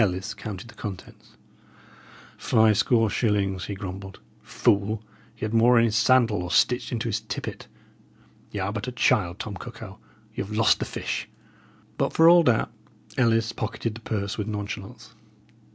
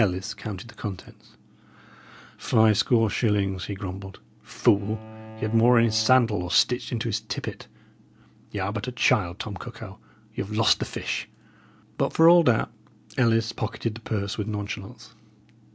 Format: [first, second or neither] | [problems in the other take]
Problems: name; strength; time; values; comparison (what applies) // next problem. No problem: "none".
first | background sound (Bowed string instrument); 18 dB below the speech